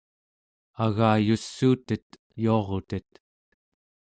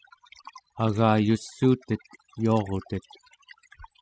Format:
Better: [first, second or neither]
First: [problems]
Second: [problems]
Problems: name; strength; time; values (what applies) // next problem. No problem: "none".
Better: first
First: none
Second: noise reduction (classical method spectral subtraction)